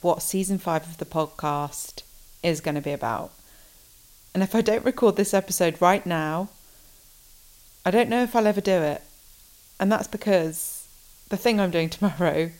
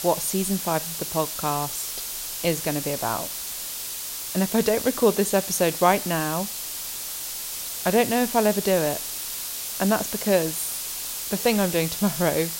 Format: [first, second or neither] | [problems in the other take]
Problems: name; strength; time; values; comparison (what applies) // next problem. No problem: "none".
first | hiss; loud; throughout; 5 dB below the speech; faint in the first